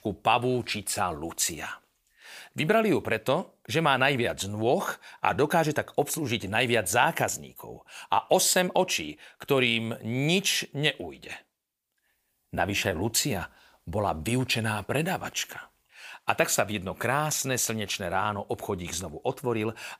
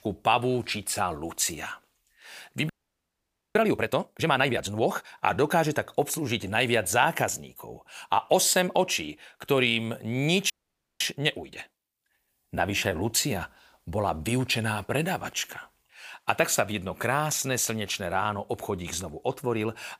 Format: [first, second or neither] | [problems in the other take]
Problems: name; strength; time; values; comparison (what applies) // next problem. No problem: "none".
first | audio freezing; at 2.5 s for 1 s and at 11 s for 0.5 s